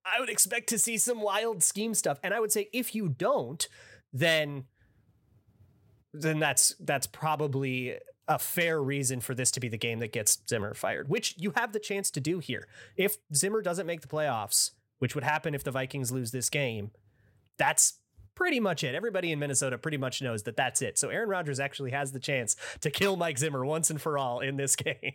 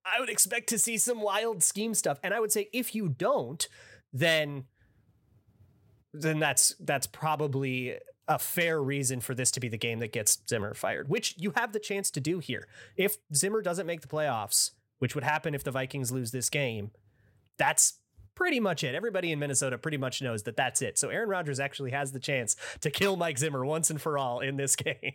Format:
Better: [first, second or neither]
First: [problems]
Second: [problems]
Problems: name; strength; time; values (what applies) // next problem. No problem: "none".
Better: neither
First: none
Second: none